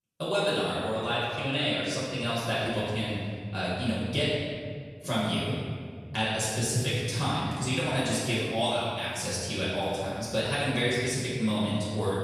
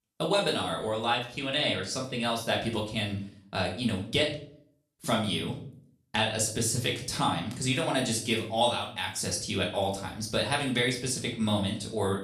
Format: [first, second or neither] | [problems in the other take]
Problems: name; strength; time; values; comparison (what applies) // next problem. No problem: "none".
second | room echo; strong; dies away in 1.8 s; slight in the second // off-mic speech; far; far in the second